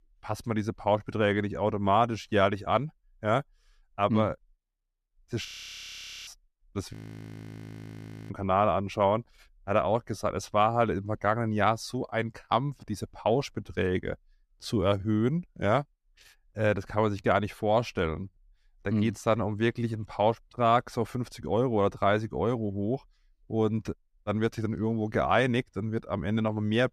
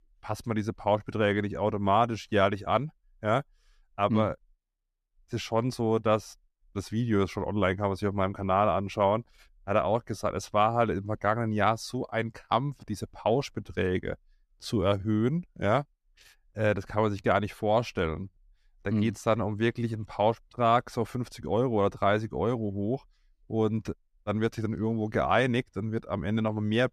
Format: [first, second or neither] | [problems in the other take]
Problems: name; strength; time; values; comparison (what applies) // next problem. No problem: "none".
second | audio freezing; at 5.5 s for 1 s and at 7 s for 1.5 s